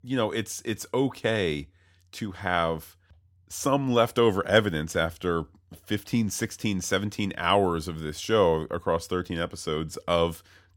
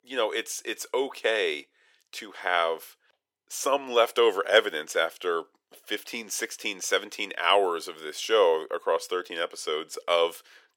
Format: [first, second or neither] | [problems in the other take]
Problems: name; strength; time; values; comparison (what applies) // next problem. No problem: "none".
first | thin; very; fading below 400 Hz